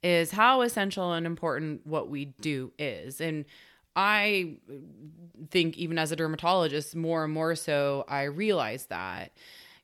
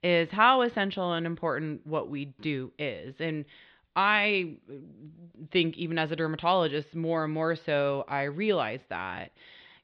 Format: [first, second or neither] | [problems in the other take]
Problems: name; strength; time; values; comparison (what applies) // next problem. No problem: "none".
first | muffled; slightly; fading above 3.5 kHz